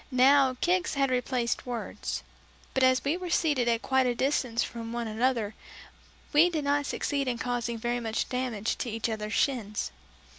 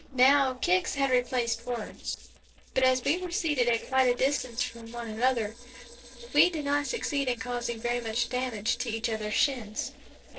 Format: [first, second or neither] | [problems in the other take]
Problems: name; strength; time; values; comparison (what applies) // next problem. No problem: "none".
first | noise reduction (neural separator model SepFormer DNS4)